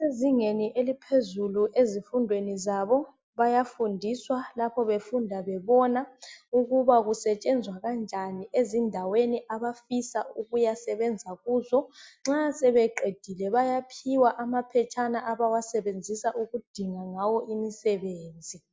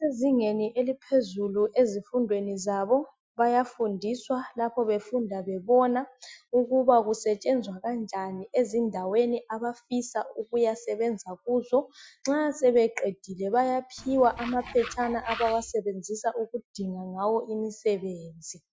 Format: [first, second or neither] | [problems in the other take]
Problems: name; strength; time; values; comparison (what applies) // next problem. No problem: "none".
first | noise reduction (classical method Wiener filter)